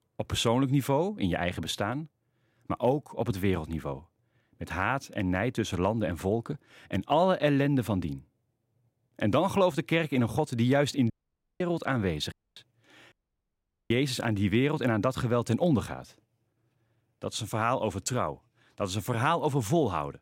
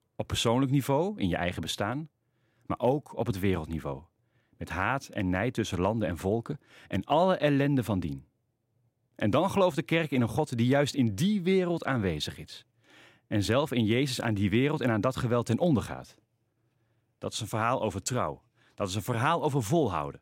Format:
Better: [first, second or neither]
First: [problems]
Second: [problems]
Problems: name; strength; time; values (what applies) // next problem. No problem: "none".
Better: second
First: audio cutting out; at 11 s for 0.5 s, at 12 s and at 13 s for 1 s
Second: none